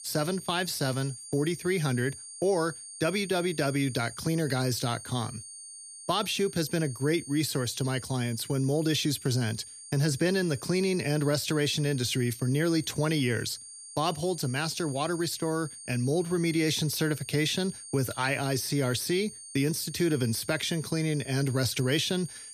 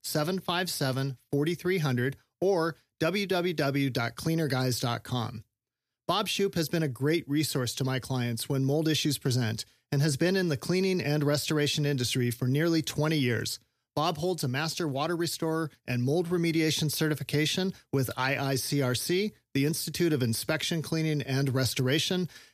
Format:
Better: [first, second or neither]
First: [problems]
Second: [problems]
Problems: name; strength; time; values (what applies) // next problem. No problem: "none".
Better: second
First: high-pitched whine; noticeable; throughout; 9 kHz, 15 dB below the speech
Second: none